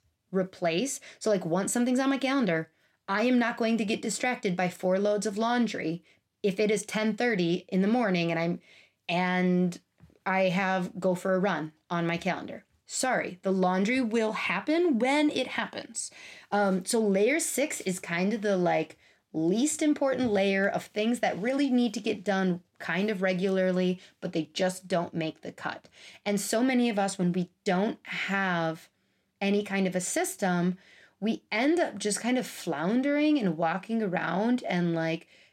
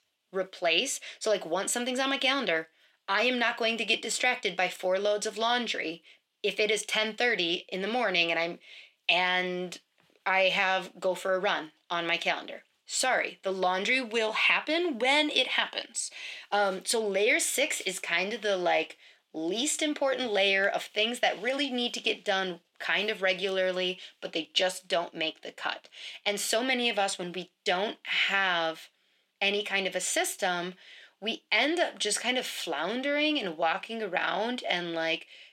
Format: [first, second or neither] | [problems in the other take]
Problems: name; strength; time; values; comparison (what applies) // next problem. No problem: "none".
first | thin; somewhat; fading below 450 Hz